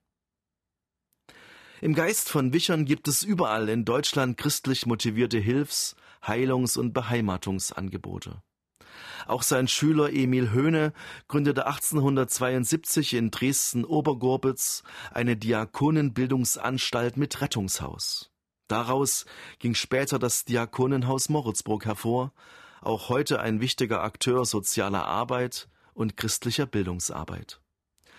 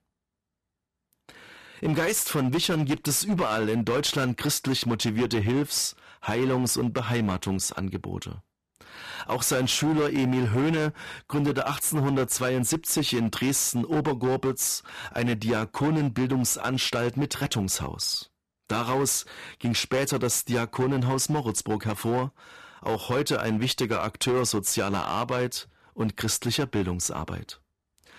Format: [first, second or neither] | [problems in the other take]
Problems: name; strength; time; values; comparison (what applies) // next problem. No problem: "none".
first | distortion; slight; 13% of the sound clipped